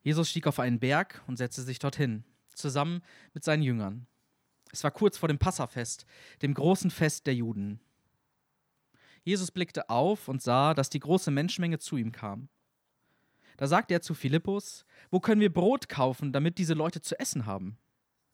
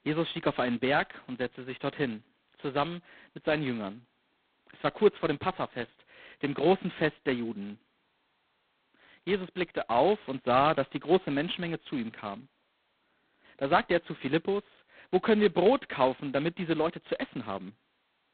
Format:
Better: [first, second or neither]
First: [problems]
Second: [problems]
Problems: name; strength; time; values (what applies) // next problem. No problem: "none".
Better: first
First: none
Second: phone-call audio; poor line; nothing above 4 kHz